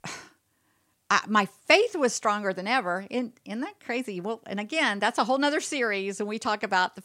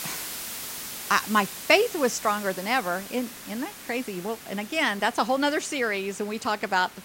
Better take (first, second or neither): first